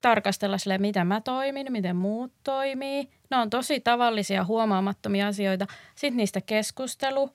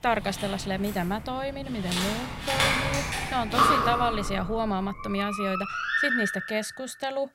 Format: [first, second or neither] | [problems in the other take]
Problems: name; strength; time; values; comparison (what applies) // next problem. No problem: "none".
first | animal sounds; very loud; throughout; 3 dB above the speech